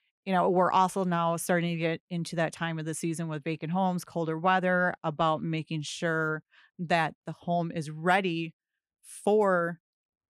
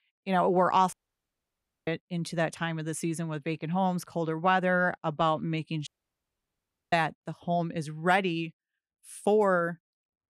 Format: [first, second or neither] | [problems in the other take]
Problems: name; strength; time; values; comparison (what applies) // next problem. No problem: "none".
first | audio cutting out; at 1 s for 1 s and at 6 s for 1 s